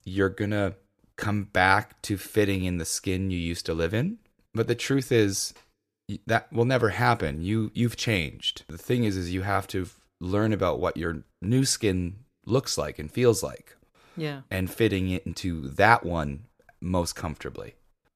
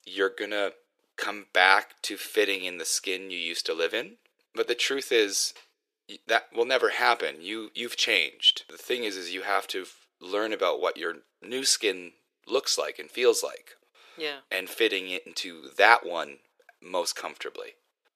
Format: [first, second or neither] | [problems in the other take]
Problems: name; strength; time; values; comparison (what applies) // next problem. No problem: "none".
first | thin; very; fading below 400 Hz